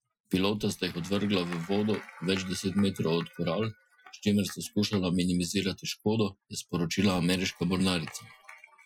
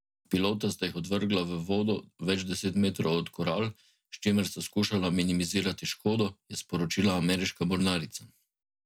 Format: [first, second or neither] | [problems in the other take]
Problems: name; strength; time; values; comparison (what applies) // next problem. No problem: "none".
second | noise reduction (classical method Wiener filter)